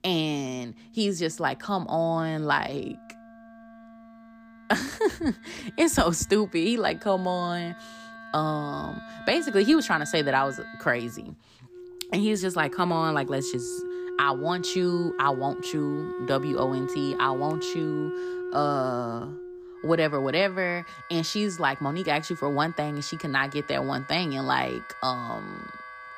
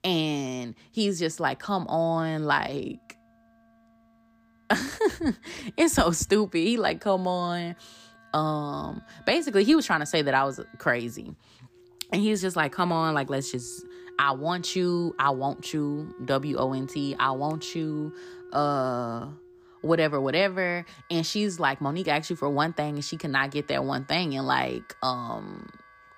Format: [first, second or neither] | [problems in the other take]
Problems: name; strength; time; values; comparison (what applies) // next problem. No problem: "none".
second | background music; loud; throughout; 10 dB below the speech; faint in the second